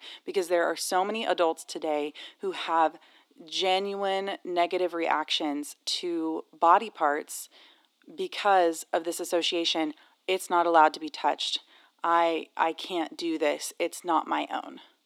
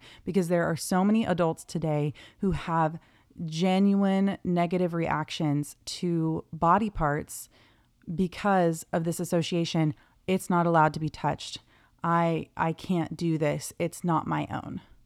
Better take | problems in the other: second | thin; very; fading below 300 Hz

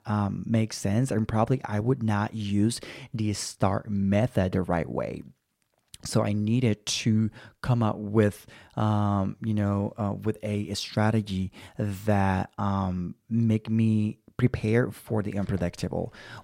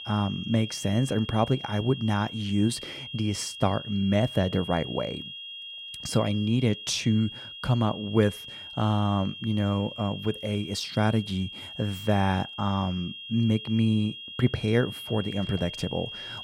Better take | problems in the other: first | high-pitched whine; noticeable; throughout; 3.5 kHz, 10 dB below the speech

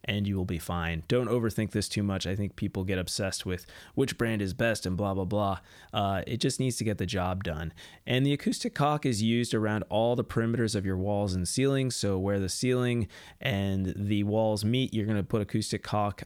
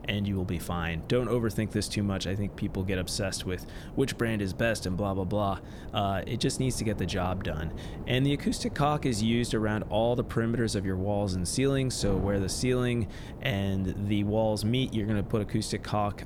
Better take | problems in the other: first | wind noise on the microphone; occasional gusts; 15 dB below the speech

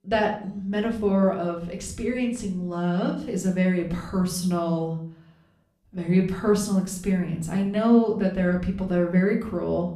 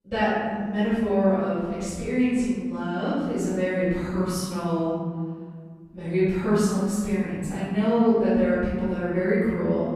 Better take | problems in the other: first | room echo; strong; dies away in 1.7 s; slight in the first // off-mic speech; far; somewhat distant in the first

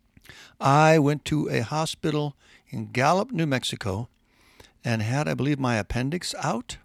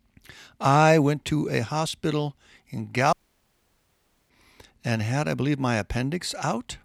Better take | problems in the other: first | audio cutting out; at 3 s for 1 s

